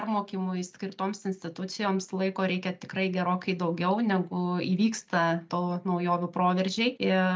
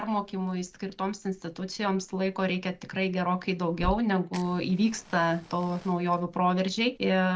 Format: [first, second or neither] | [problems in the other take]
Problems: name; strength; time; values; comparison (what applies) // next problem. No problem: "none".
first | background sound (Fire); 17 dB below the speech